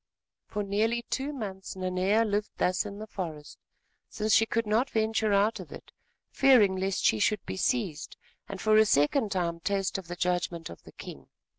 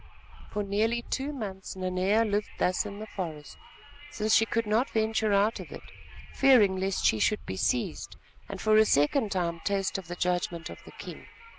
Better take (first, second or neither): first